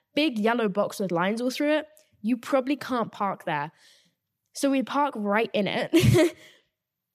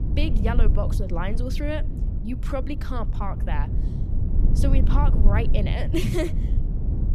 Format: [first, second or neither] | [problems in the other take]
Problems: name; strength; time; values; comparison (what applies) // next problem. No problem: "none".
first | low rumble; loud; throughout; 8 dB below the speech